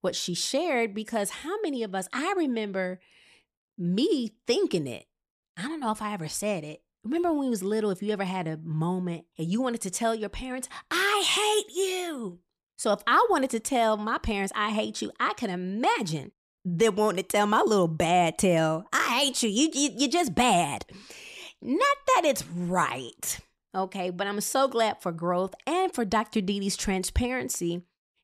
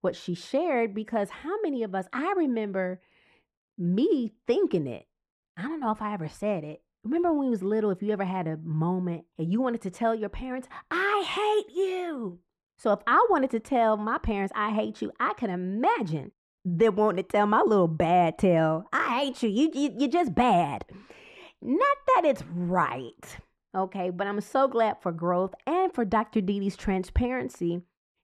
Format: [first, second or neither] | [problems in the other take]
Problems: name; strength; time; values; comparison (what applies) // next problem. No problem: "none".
first | muffled; very; fading above 3 kHz